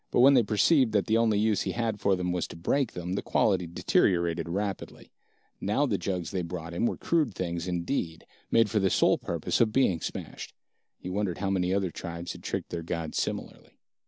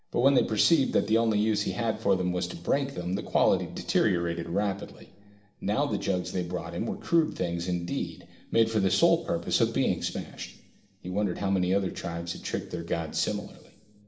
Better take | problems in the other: first | room echo; dies away in 2 s

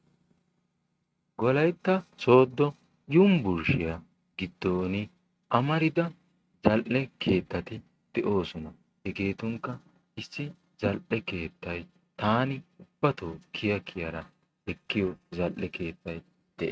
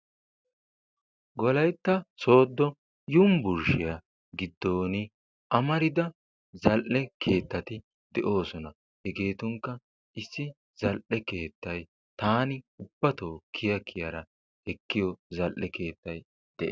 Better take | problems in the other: second | noise reduction (neural mask model RNNoise)

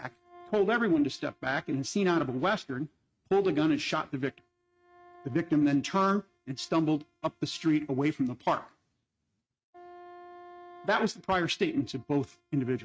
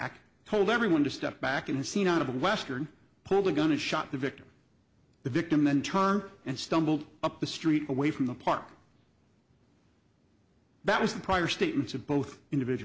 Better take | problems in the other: second | noise reduction (neural mask model RNNoise)

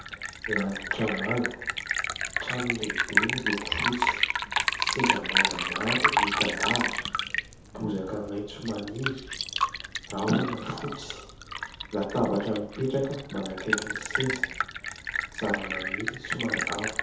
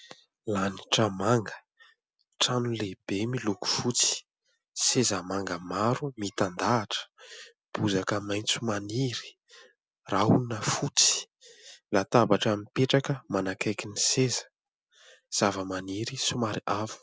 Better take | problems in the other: second | background sound (Liquid); 2 dB above the speech // room echo; dies away in 0.8 s

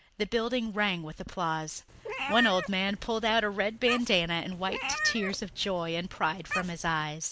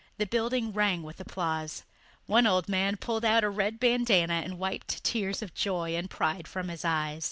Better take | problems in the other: second | background sound (Meow); 7 dB below the speech

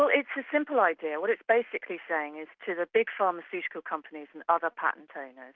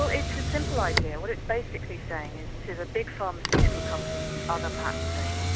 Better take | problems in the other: first | background sound (Motor vehicle (road)); 5 dB above the speech

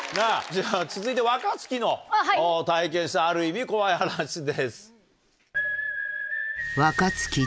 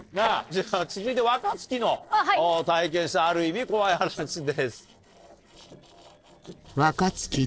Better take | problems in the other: first | noise reduction (neural separator model SepFormer DNS4)

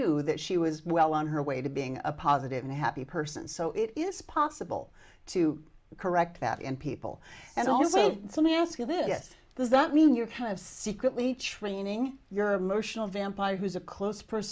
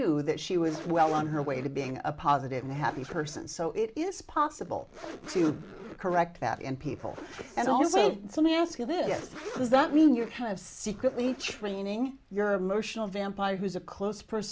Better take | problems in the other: first | background sound (Zipper (clothing)); 16 dB below the speech

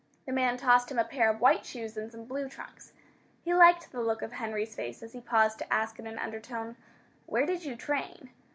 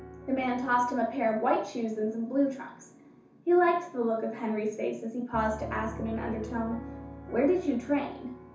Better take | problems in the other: first | background sound (Piano); 15 dB below the speech // room echo; dies away in 0.9 s

